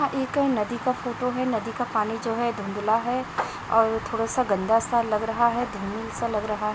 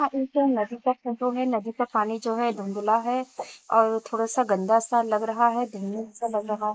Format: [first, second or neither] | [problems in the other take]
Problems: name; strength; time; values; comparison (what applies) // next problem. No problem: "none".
first | noise reduction (neural mask model Resemble Enhance denoiser)